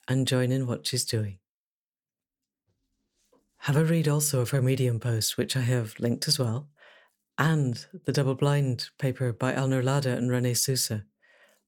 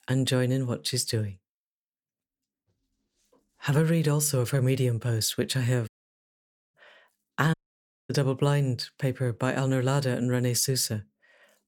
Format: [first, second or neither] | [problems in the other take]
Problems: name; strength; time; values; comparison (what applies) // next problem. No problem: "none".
first | audio cutting out; at 6 s for 1 s and at 7.5 s for 0.5 s